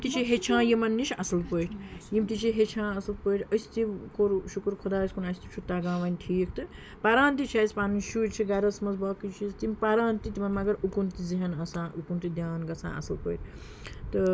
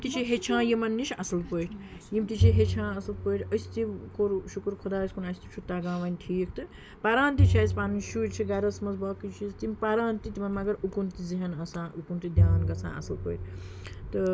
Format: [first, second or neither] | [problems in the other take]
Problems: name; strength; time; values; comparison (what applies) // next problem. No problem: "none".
first | background sound (Bowed string instrument); 2 dB below the speech